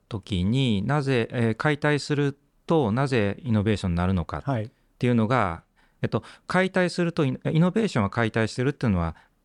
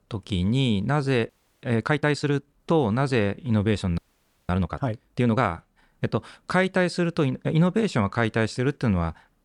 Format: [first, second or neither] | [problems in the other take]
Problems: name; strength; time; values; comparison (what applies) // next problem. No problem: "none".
first | audio freezing; at 1.5 s and at 4 s for 0.5 s